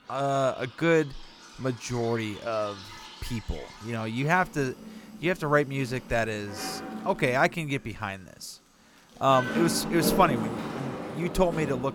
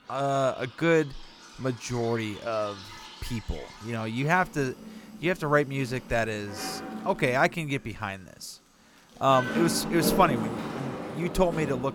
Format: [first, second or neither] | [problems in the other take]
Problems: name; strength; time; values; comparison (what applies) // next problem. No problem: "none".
neither | animal sounds; loud; throughout; 9 dB below the speech; the same in both